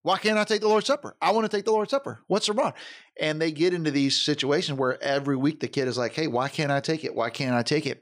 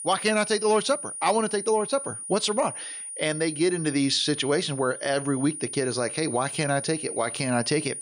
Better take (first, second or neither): first